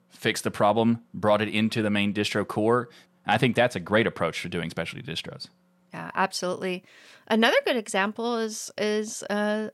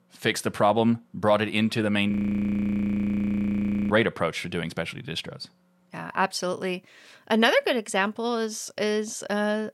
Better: first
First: none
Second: audio freezing; at 2 s for 2 s

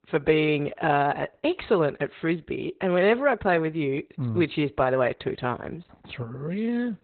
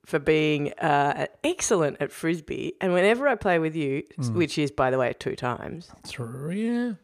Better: second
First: garbled, watery; badly; nothing above 4 kHz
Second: none

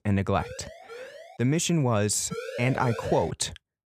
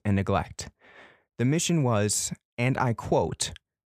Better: second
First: siren; faint; at 0.5 s; peak 15 dB below the speech // siren; noticeable; from 2.5 to 3.5 s; peak 8 dB below the speech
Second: none

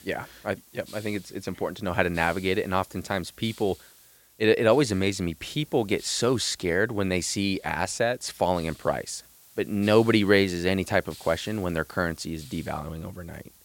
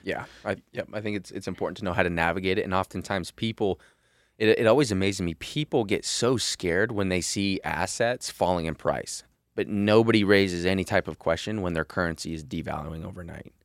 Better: second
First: hiss; faint; throughout; 25 dB below the speech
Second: none

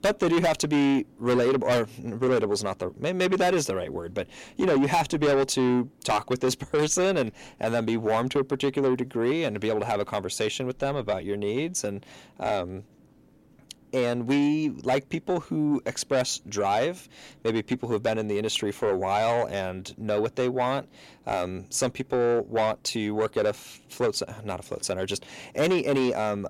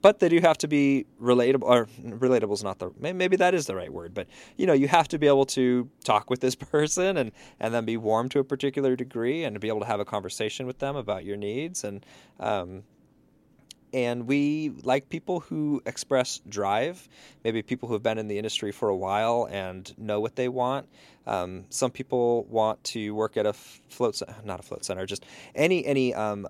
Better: second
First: distortion; heavy; 7 dB below the speech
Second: none

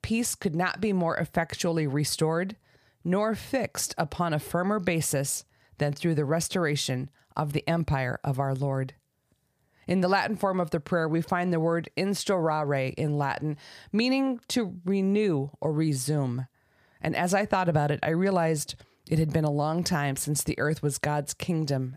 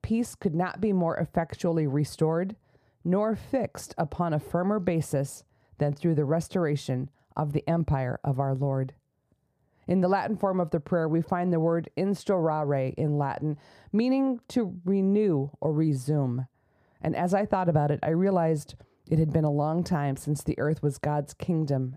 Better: first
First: none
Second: muffled; slightly; fading above 1.5 kHz

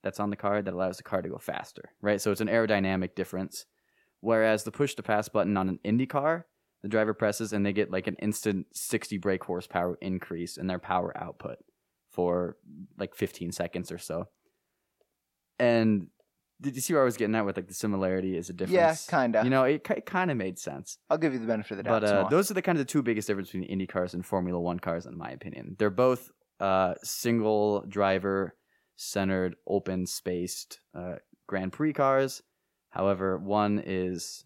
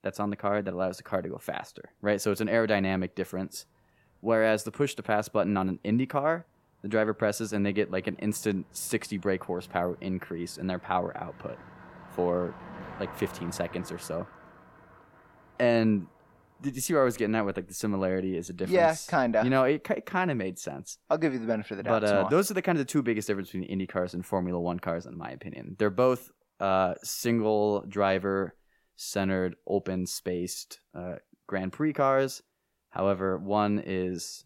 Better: first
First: none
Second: traffic noise; faint; throughout; 20 dB below the speech

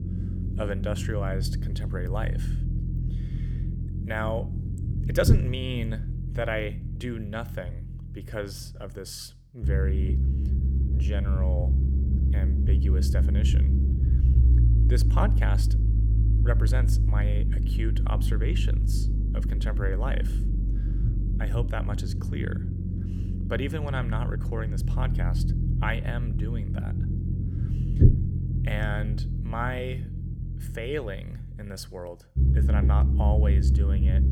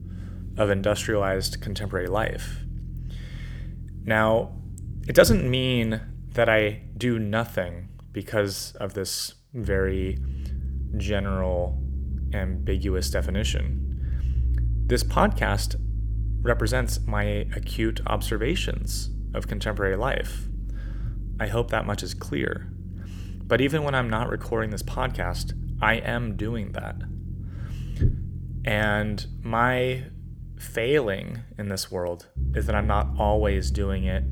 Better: second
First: low rumble; loud; throughout; 6 dB below the speech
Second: low rumble; faint; throughout; 20 dB below the speech

